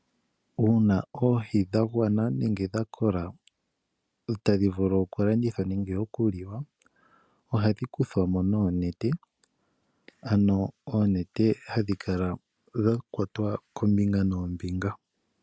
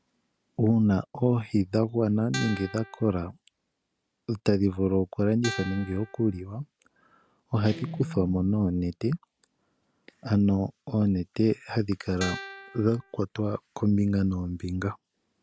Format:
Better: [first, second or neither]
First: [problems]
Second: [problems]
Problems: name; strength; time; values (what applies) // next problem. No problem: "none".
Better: first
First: none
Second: background sound (Guitar + Guitar); 13 dB below the speech